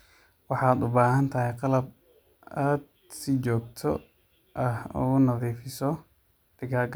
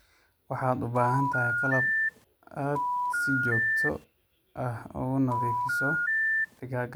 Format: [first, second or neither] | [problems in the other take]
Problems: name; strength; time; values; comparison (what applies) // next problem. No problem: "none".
first | background sound (Telephone); 4 dB above the speech